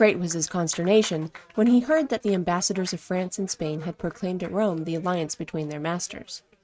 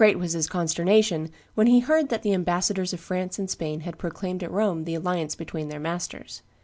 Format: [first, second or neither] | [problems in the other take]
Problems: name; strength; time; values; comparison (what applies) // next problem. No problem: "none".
second | noise reduction (neural mask model RNNoise)